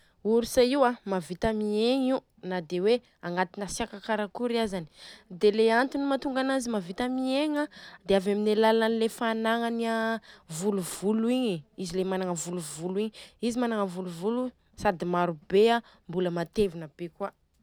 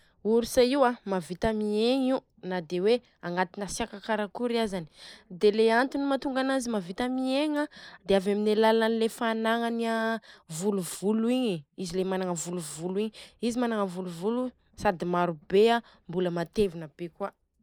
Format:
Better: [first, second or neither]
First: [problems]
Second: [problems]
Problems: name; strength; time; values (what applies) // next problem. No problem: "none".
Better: first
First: none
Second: noise reduction (neural mask model Resemble Enhance denoiser)